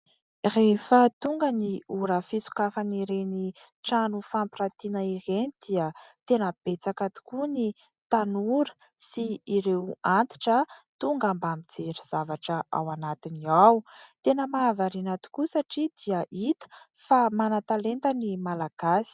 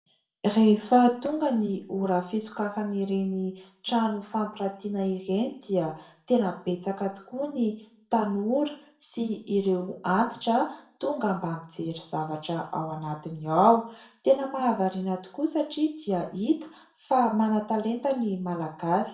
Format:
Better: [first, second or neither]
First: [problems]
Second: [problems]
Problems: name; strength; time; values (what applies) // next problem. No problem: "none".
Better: first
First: none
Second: room echo; dies away in 0.4 s